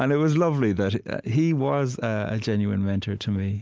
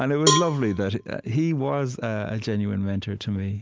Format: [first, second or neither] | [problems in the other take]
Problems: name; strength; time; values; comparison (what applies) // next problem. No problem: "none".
first | background sound (Cowbell); 4 dB below the speech